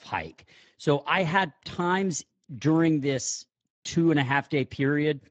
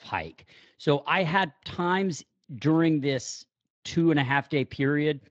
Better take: second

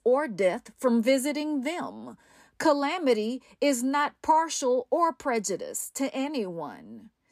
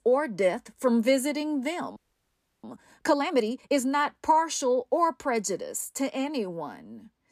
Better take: first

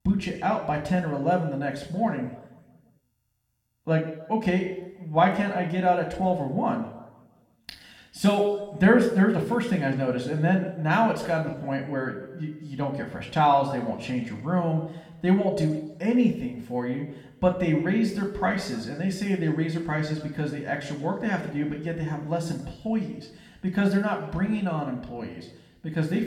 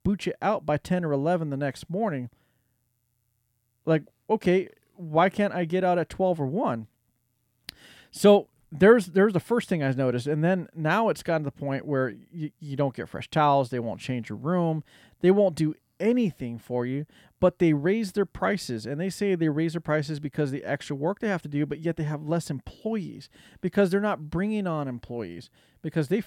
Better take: second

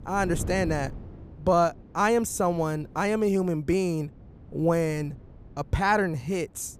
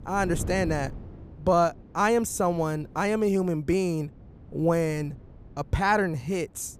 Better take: neither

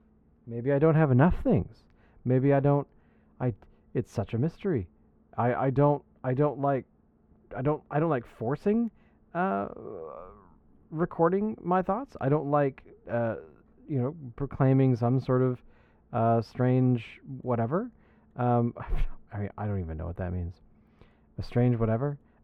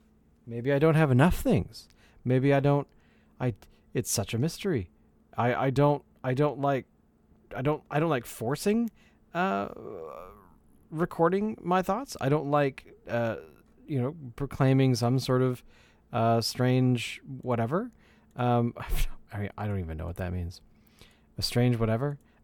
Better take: second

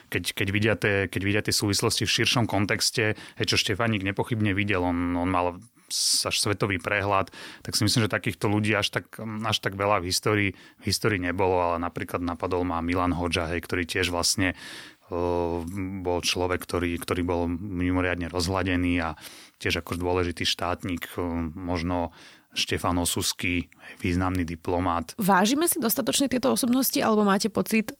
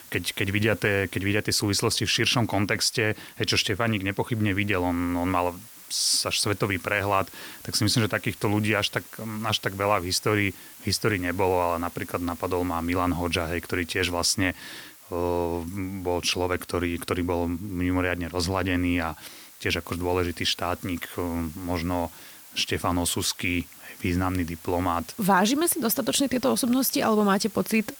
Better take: first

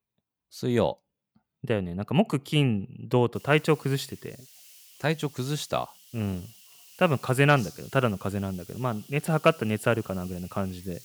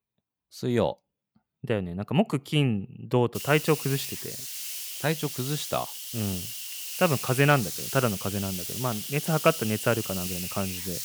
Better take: first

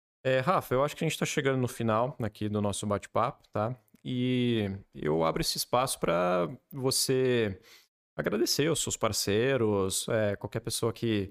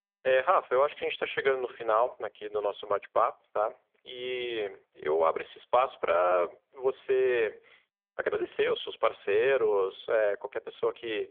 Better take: first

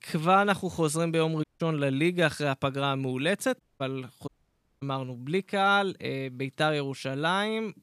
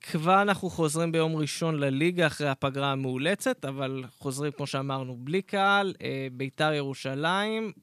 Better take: second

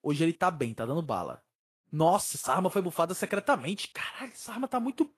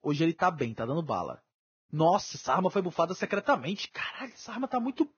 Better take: first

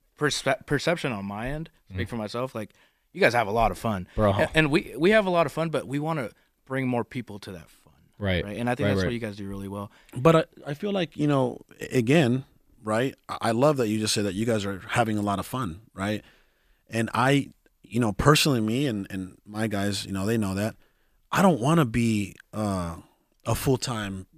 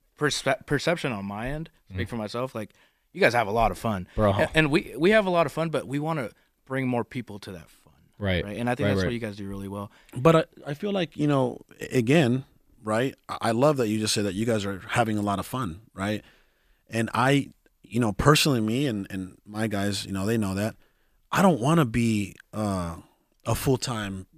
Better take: neither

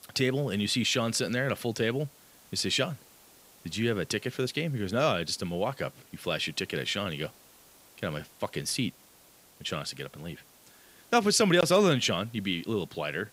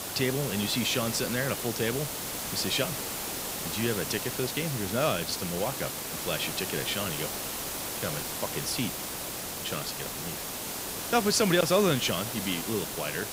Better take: first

